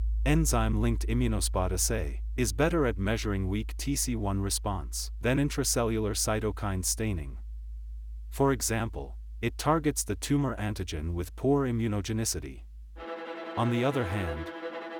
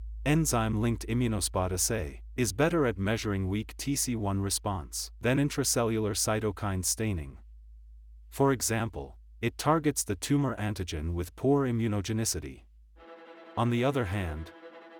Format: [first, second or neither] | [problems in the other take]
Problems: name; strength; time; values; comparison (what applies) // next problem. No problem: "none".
second | background music; loud; throughout; 10 dB below the speech; faint in the second